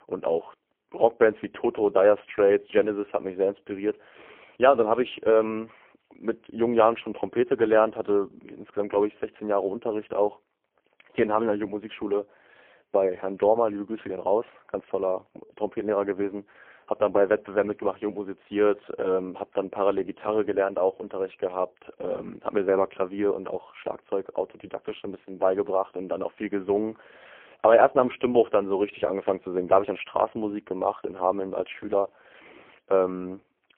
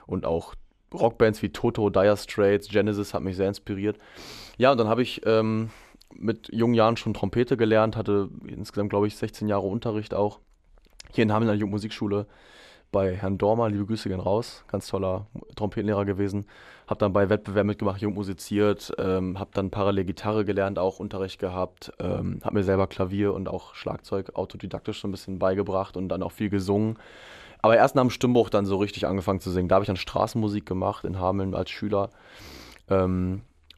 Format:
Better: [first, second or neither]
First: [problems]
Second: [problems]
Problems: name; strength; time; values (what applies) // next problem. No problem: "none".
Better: second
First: phone-call audio; poor line; nothing above 3 kHz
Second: none